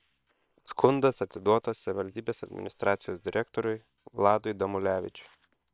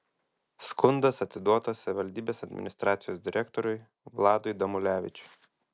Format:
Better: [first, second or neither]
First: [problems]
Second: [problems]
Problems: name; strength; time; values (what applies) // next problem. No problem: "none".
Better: second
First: noise reduction (neural separator model SepFormer WHAM!)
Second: none